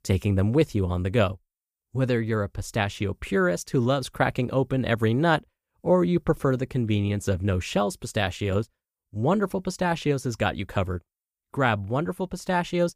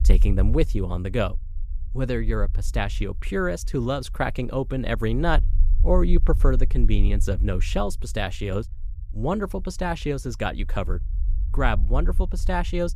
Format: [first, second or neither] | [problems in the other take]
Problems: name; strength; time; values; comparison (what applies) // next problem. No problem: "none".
first | low rumble; faint; throughout; 20 dB below the speech